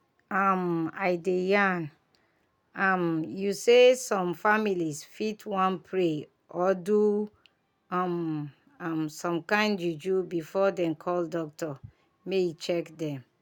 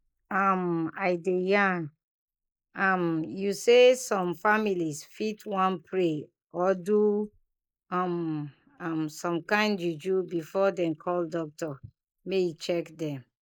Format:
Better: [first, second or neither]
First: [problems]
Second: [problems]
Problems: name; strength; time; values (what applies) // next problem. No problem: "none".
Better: first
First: none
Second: noise reduction (neural mask model Resemble Enhance denoiser)